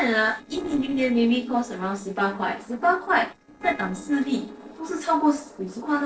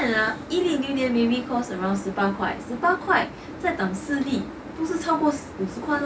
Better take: second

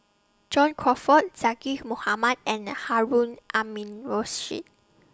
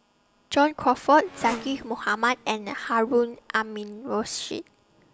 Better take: first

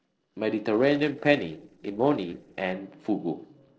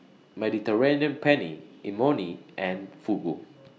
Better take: second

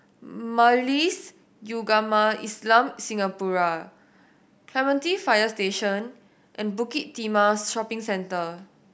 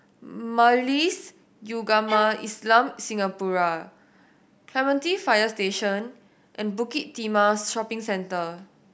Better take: first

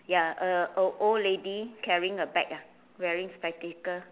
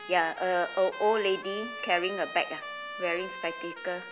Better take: first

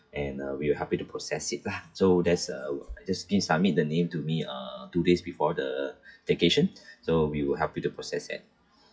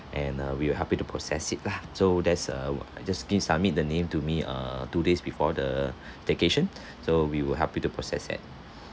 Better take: second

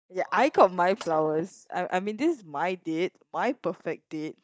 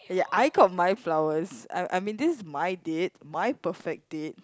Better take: second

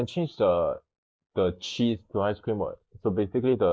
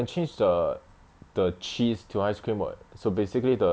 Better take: second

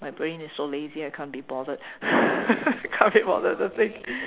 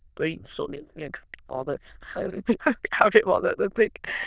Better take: first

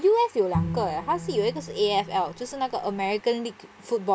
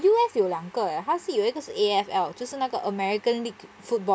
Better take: second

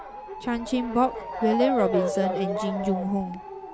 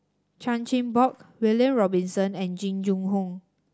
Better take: second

